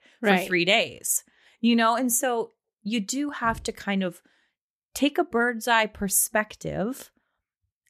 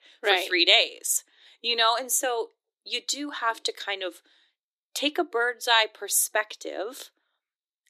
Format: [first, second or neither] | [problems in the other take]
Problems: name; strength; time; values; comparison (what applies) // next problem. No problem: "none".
first | thin; somewhat; fading below 300 Hz